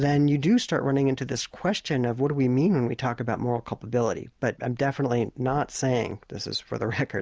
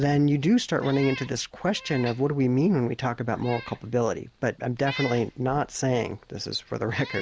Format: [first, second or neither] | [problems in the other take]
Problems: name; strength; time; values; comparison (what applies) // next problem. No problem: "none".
first | background sound (Meow); 17 dB below the speech